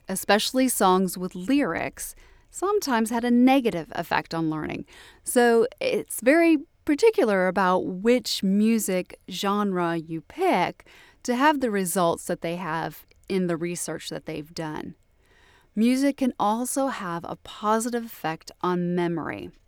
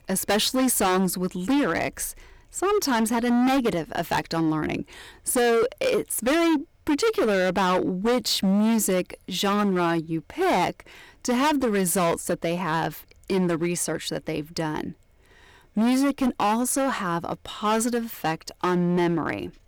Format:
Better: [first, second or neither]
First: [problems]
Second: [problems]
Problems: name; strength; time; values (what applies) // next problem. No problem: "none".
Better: first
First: none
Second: distortion; heavy; 16% of the sound clipped